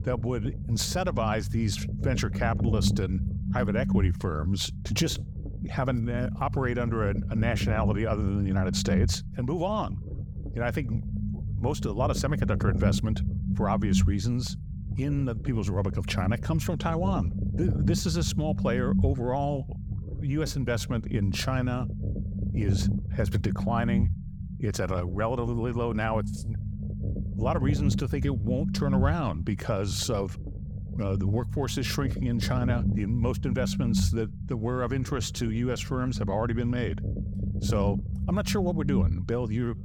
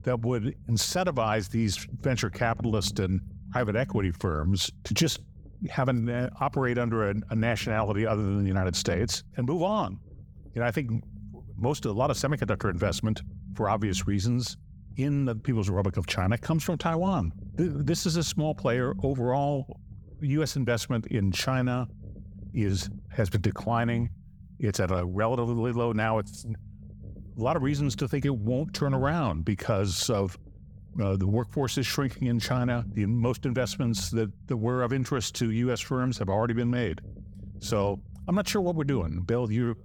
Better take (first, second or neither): second